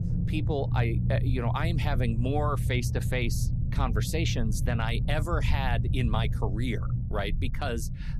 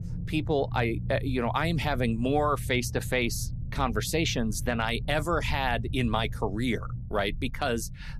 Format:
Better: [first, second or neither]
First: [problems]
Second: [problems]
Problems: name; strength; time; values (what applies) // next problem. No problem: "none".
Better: second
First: low rumble; loud; throughout; 9 dB below the speech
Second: low rumble; faint; throughout; 20 dB below the speech